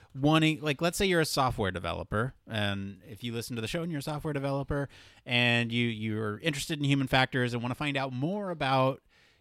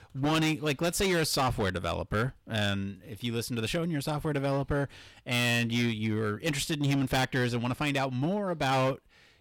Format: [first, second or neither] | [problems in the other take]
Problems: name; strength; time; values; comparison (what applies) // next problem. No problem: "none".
first | distortion; heavy; 11% of the sound clipped